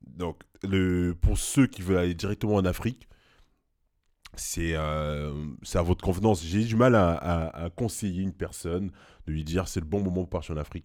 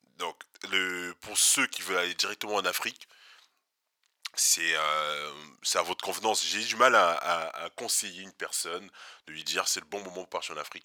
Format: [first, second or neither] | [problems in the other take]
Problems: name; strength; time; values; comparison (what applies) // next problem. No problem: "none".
first | thin; very; fading below 1 kHz